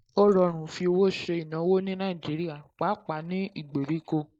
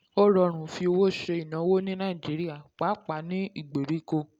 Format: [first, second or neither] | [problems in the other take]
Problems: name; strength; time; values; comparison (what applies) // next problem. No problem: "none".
second | noise reduction (neural mask model Resemble Enhance denoiser)